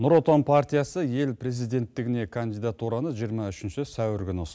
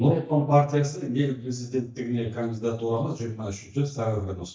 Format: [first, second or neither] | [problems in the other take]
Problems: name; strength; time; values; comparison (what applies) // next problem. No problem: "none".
first | noise reduction (neural mask model DeepFilterNet 3)